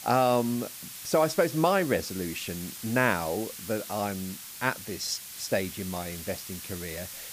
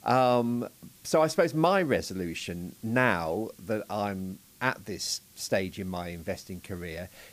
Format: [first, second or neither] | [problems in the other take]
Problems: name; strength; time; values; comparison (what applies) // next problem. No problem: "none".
second | hiss; loud; throughout; 10 dB below the speech; faint in the second